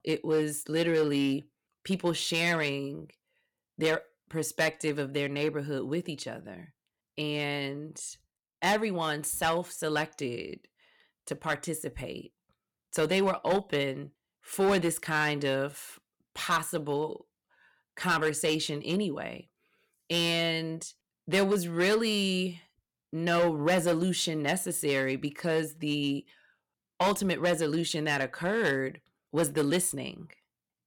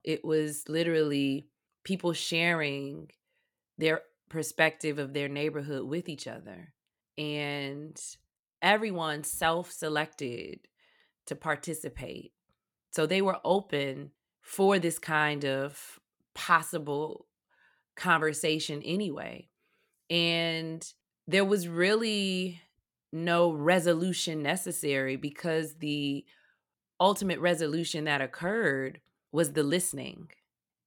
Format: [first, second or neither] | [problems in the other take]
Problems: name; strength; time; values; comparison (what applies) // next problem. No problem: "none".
second | distortion; slight; 4% of the sound clipped